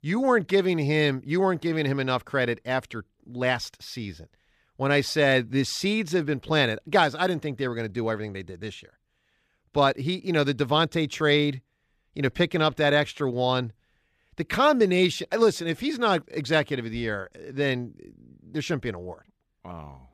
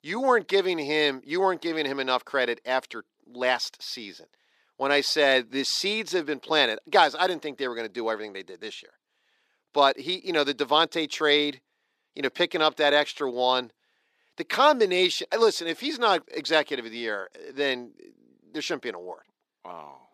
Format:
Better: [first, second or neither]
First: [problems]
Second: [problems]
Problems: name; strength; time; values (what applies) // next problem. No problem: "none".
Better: first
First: none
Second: thin; somewhat; fading below 300 Hz